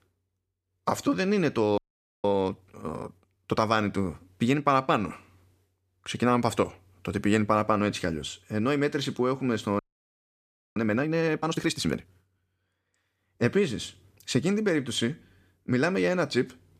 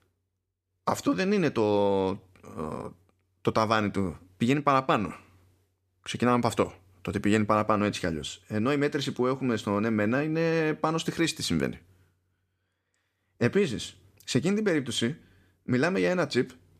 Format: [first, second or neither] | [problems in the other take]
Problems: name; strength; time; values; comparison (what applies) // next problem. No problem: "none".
second | audio freezing; at 2 s and at 10 s for 1 s